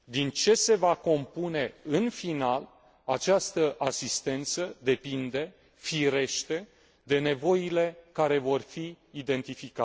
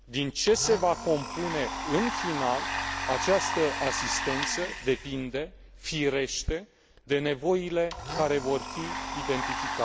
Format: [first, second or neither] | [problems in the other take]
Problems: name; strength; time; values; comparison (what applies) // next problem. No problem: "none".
first | background sound (Domestic sounds, home sounds); 5 dB below the speech